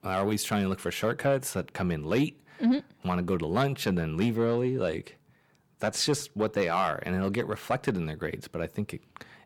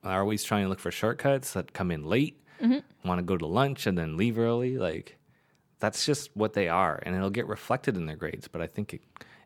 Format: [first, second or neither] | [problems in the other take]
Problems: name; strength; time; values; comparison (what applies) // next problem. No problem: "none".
second | distortion; slight; 10 dB below the speech